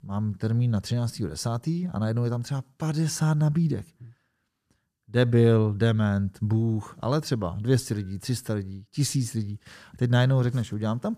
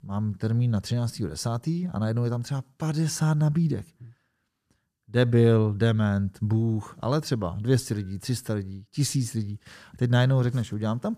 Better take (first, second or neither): neither